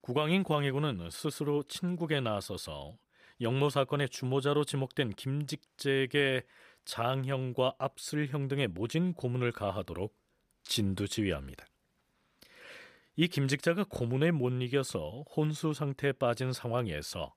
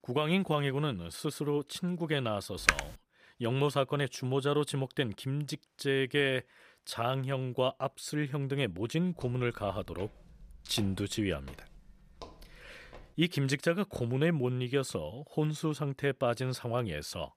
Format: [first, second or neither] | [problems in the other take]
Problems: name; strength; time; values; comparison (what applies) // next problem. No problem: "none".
first | keyboard typing; loud; at 2.5 s; peak 4 dB above the speech // footsteps; faint; from 9 to 13 s; peak 15 dB below the speech